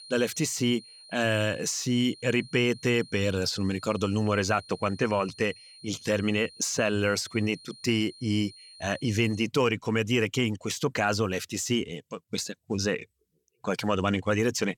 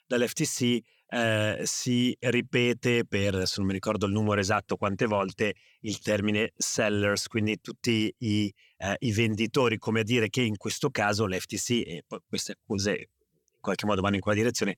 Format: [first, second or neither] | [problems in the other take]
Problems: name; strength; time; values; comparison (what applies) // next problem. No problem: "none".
second | high-pitched whine; faint; until 9.5 s; 4 kHz, 20 dB below the speech